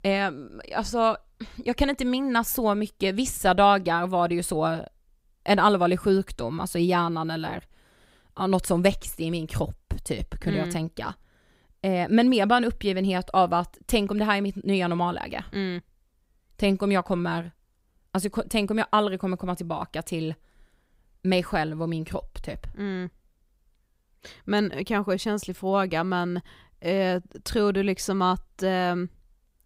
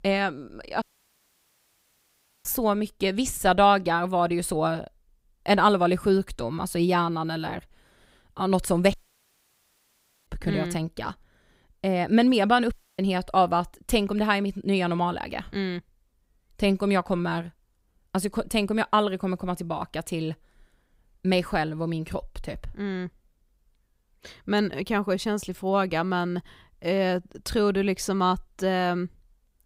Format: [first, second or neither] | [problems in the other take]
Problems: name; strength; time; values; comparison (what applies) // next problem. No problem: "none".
first | audio cutting out; at 1 s for 1.5 s, at 9 s for 1.5 s and at 13 s